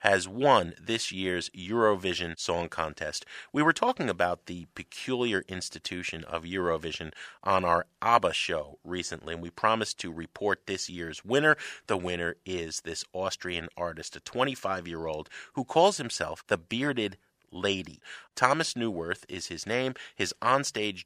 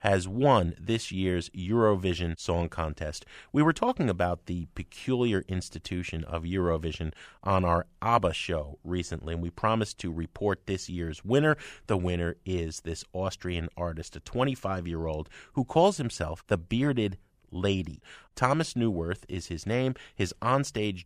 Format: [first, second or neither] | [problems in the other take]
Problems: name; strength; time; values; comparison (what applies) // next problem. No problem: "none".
second | thin; somewhat; fading below 500 Hz